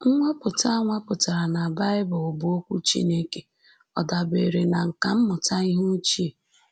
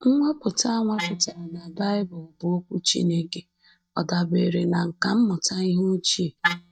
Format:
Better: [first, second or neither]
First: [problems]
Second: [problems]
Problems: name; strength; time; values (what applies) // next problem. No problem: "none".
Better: first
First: none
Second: noise reduction (neural mask model DeepFilterNet 3)